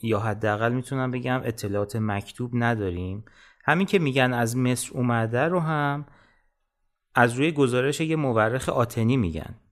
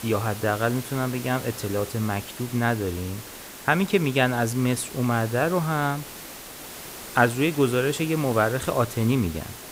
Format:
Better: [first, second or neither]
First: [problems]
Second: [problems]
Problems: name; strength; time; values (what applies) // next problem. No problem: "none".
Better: first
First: none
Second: hiss; noticeable; throughout; 15 dB below the speech